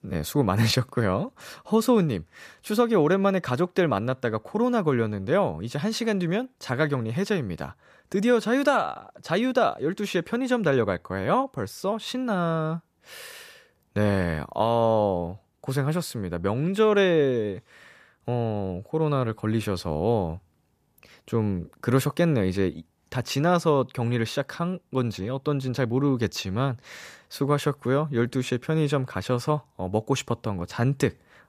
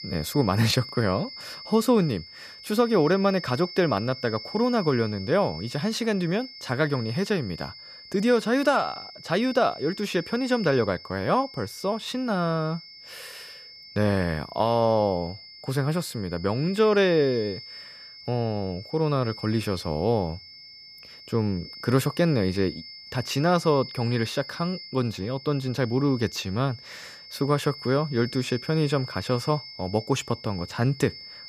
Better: first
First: none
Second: high-pitched whine; noticeable; throughout; 5 kHz, 15 dB below the speech

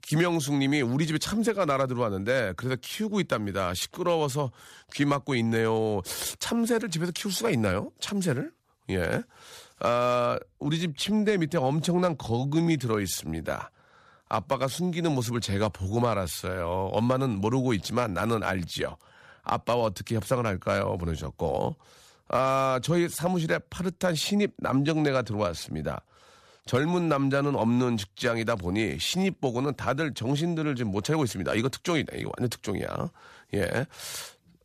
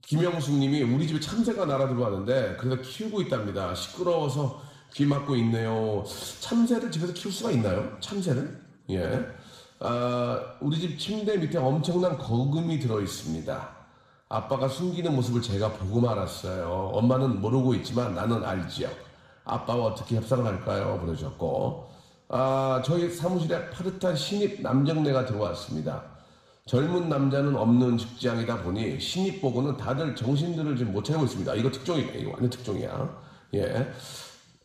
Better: first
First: none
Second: room echo; slight; dies away in 1 s // off-mic speech; somewhat distant

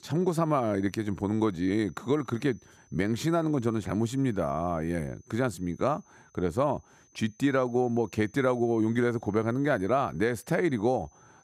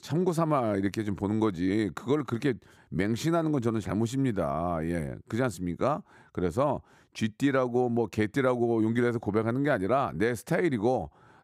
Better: second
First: high-pitched whine; faint; throughout; 6 kHz, 30 dB below the speech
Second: none

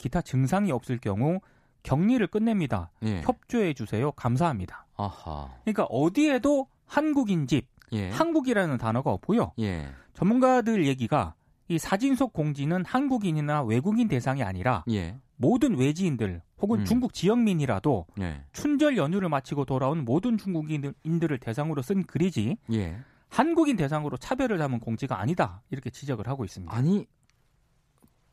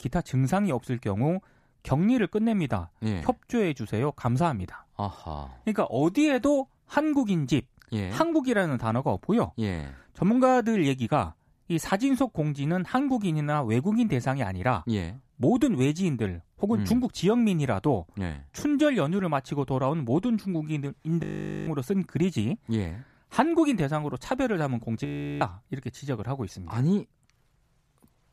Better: first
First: none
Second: audio freezing; at 21 s and at 25 s

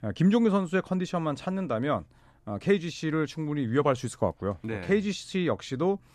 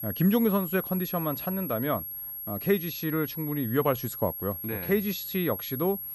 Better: first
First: none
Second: high-pitched whine; loud; throughout; 11.5 kHz, 5 dB below the speech

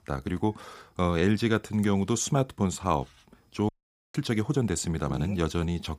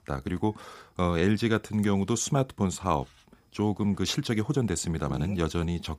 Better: second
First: audio cutting out; at 3.5 s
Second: none

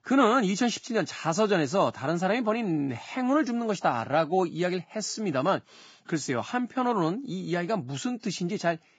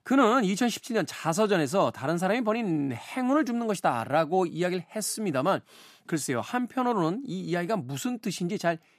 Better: second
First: garbled, watery; badly; nothing above 7.5 kHz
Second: none

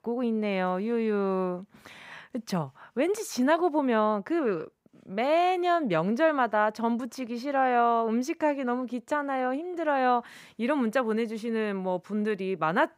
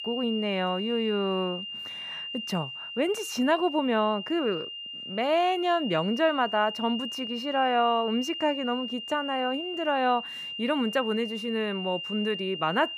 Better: first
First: none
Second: high-pitched whine; loud; throughout; 3 kHz, 7 dB below the speech

